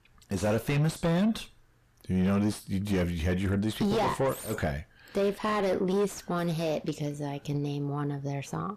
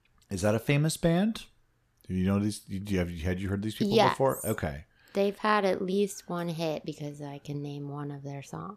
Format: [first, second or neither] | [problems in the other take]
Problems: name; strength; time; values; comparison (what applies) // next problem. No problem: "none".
second | distortion; heavy; 5 dB below the speech